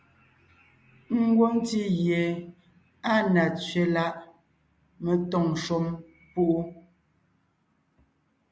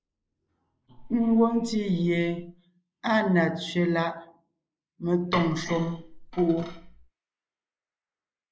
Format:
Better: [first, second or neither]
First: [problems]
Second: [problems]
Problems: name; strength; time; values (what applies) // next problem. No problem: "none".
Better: first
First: none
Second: noise reduction (neural mask model Resemble Enhance denoiser)